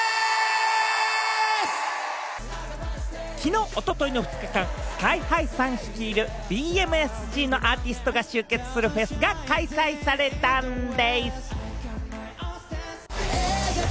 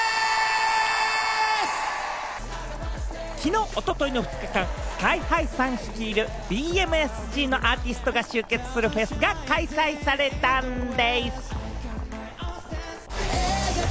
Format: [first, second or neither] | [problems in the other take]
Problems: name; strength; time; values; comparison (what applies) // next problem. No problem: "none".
first | background sound (Boiling); 19 dB below the speech